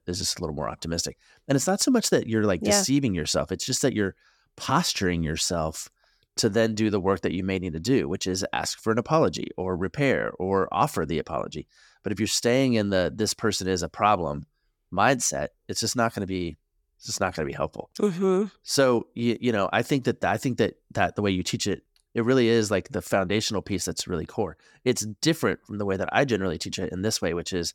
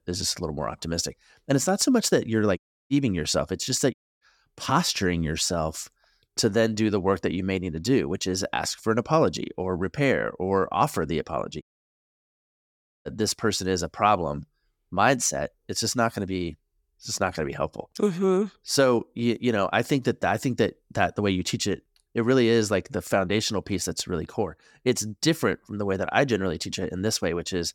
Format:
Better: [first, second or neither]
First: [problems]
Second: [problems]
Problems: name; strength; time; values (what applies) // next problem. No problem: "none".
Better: first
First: none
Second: audio cutting out; at 2.5 s, at 4 s and at 12 s for 1.5 s